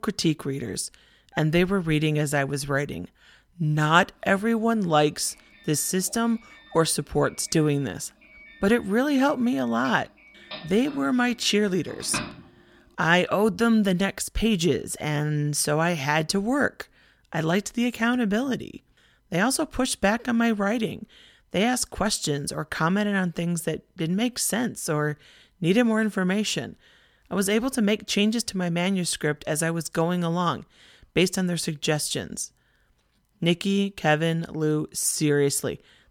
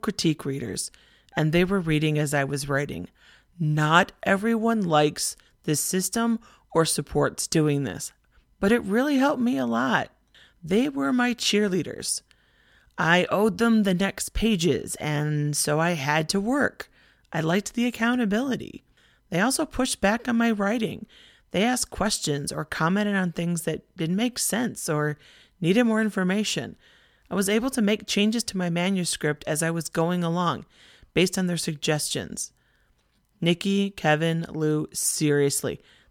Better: second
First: doorbell; noticeable; from 10 to 12 s; peak 7 dB below the speech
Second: none

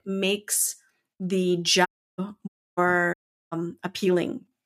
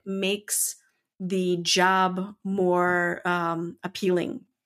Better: second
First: audio cutting out; at 2 s, at 2.5 s and at 3 s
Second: none

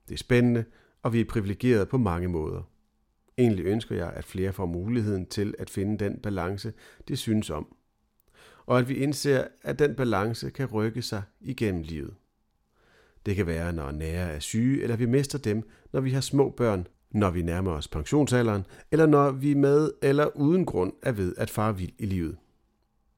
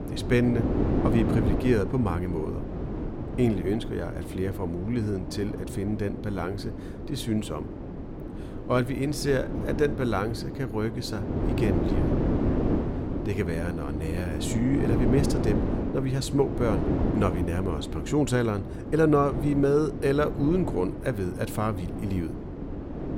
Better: first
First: none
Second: wind noise on the microphone; heavy; 5 dB below the speech

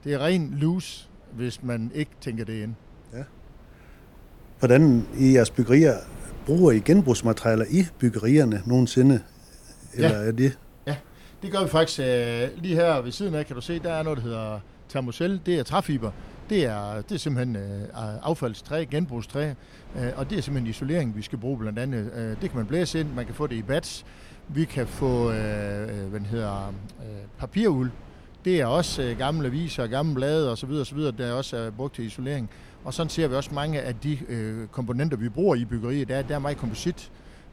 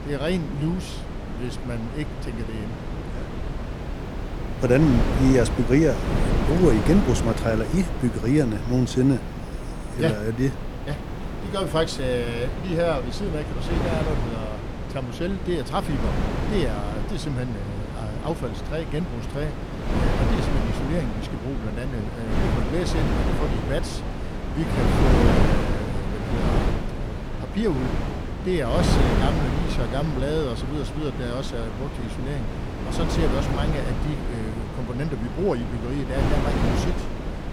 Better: first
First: wind noise on the microphone; occasional gusts; 25 dB below the speech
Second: wind noise on the microphone; heavy; 3 dB below the speech

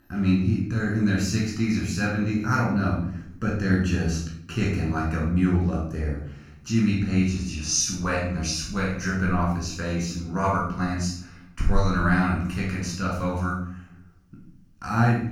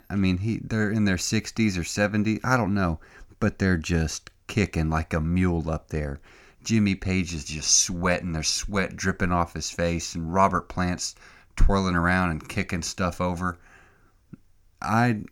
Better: second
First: off-mic speech; far // room echo; noticeable; dies away in 0.7 s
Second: none

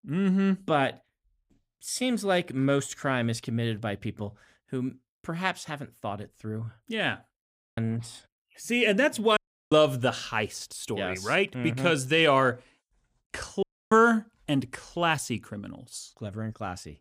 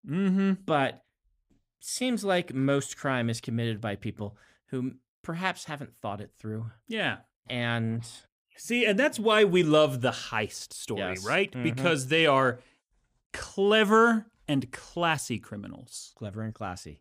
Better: second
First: audio cutting out; at 7.5 s, at 9.5 s and at 14 s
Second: none

